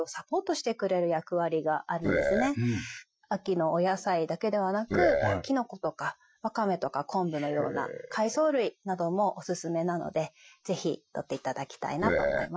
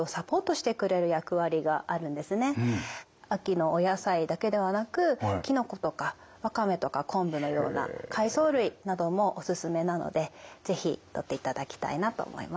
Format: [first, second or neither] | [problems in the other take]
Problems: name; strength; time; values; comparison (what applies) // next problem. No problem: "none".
second | noise reduction (classical method Wiener filter)